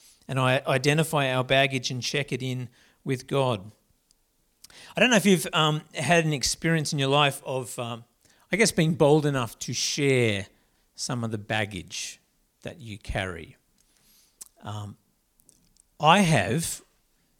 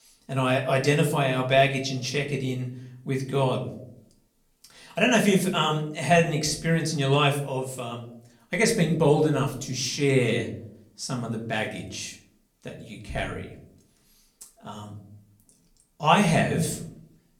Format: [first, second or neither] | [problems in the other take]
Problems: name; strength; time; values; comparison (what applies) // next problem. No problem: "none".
first | room echo; very slight; dies away in 0.5 s // off-mic speech; somewhat distant